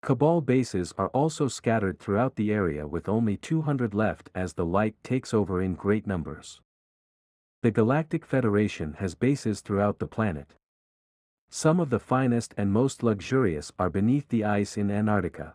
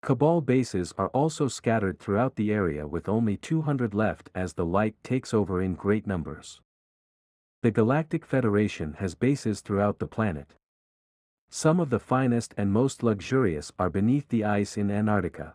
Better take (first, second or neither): neither